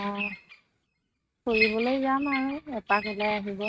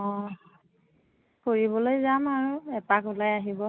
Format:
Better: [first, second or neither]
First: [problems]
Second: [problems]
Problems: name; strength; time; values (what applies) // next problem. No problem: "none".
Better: second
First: noise reduction (neural mask model RNNoise)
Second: none